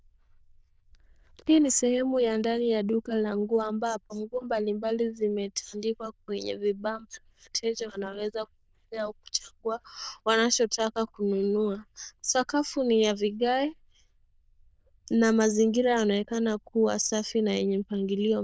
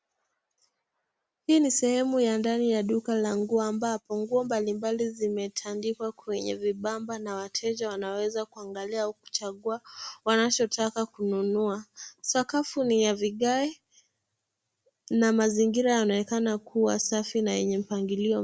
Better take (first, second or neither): second